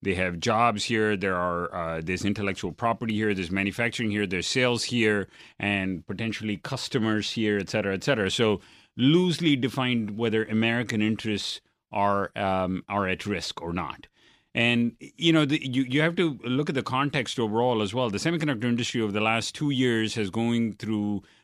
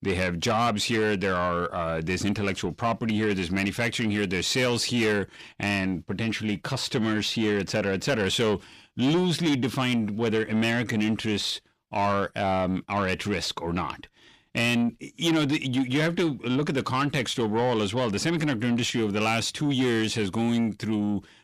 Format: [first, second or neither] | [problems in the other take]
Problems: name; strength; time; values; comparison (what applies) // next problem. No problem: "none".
first | distortion; slight; 10 dB below the speech